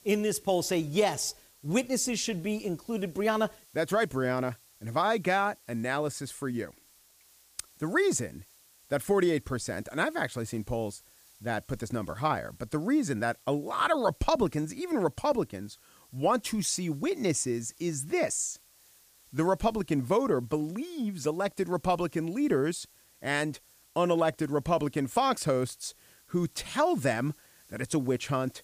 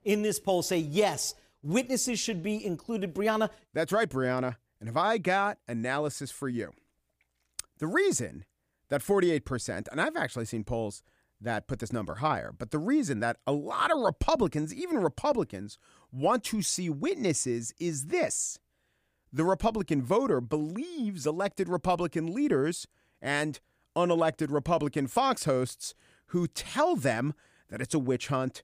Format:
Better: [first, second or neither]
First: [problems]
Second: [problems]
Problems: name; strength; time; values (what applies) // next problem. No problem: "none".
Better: second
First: hiss; faint; throughout; 25 dB below the speech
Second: none